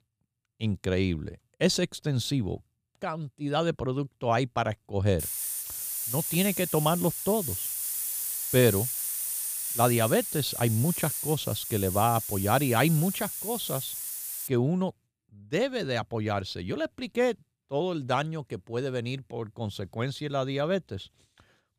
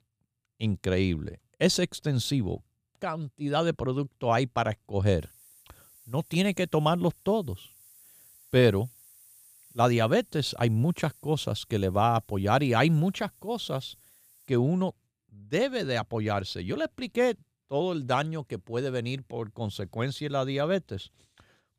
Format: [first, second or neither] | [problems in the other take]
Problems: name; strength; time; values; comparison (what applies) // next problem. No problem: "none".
second | hiss; loud; from 5 to 14 s; 2 dB below the speech; faint in the second